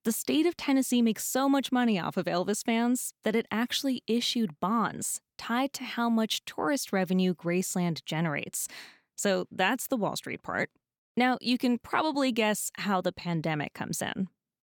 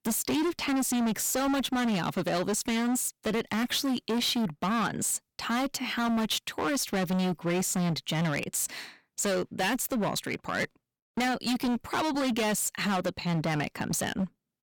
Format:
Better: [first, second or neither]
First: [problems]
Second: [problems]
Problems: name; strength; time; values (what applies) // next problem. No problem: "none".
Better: first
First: none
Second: distortion; heavy; 25% of the sound clipped